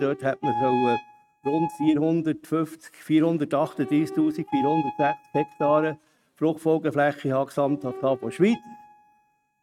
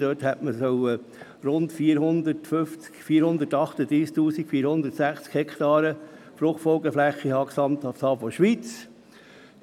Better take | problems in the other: second | noise reduction (neural mask model RNNoise)

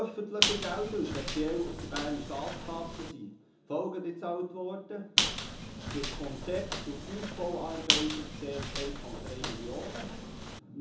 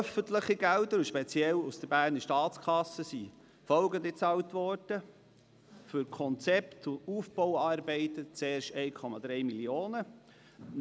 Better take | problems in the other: second | background sound (Squeak); 2 dB above the speech // room echo; dies away in 0.8 s

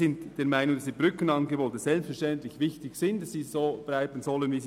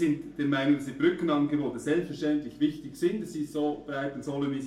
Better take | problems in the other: first | room echo; dies away in 0.3 s

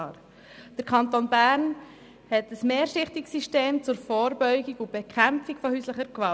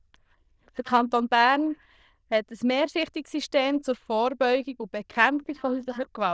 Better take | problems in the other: first | noise reduction (neural diffusion model UNIVERSE++)

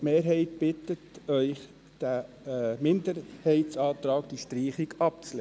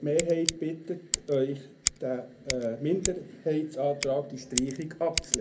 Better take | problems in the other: first | background sound (Scissors); 5 dB below the speech // room echo; dies away in 0.3 s

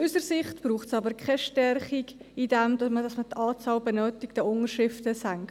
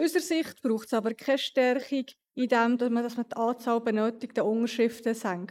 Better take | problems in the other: first | noise reduction (neural mask model Resemble Enhance denoiser)

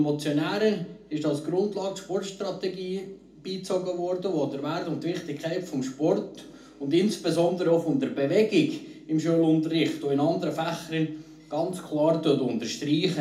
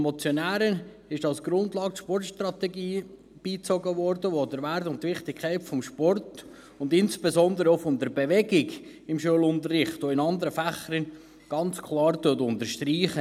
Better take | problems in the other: second | room echo; dies away in 0.4 s

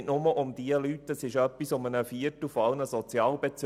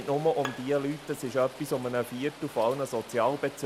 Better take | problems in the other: first | background sound (Rain + Bowed string instrument); 15 dB below the speech

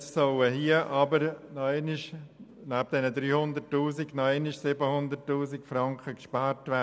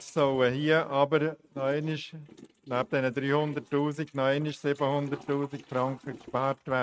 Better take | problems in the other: first | noise reduction (neural mask model RNNoise)

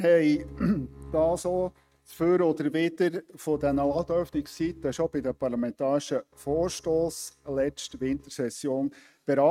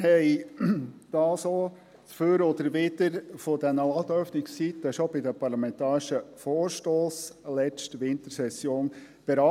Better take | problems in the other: second | noise reduction (neural mask model RNNoise)

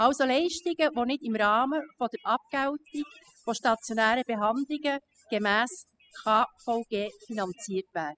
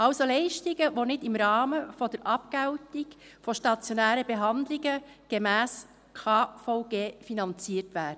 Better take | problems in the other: second | noise reduction (classical method spectral subtraction)

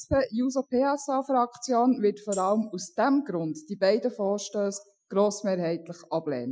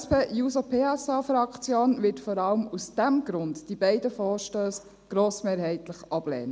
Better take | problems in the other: second | noise reduction (classical method Wiener filter)

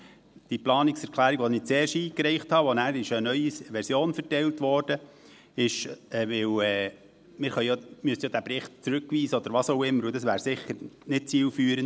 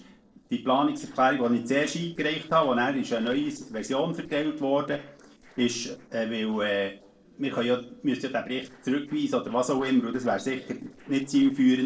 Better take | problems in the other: first | noise reduction (neural separator model SepFormer DNS4)

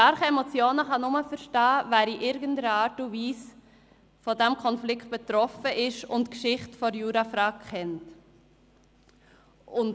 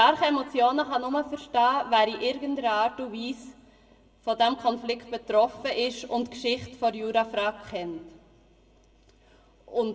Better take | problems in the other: first | room echo; dies away in 1.2 s

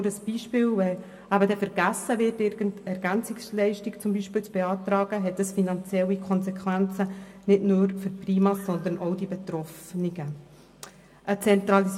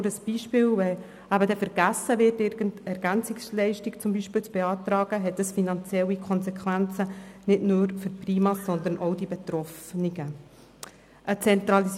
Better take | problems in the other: second | room echo; dies away in 1.6 s

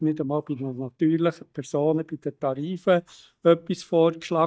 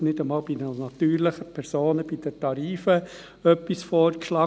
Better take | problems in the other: second | noise reduction (neural mask model DeepFilterNet 3)

